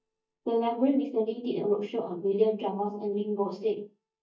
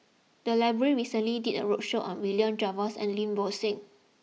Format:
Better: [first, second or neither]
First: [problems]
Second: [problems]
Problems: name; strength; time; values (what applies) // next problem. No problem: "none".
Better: second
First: noise reduction (neural mask model DeepFilterNet 3)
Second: none